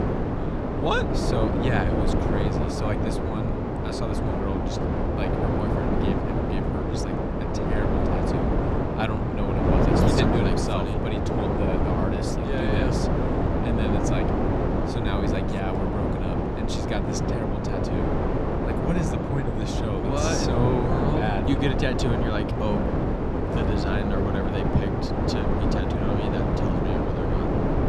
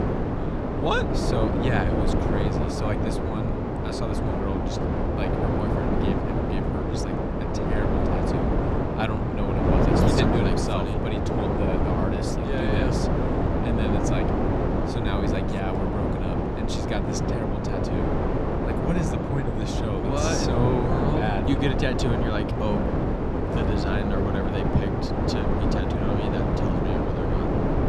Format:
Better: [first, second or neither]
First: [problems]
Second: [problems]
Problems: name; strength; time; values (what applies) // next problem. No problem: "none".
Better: neither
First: wind noise on the microphone; heavy; 4 dB above the speech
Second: wind noise on the microphone; heavy; 4 dB above the speech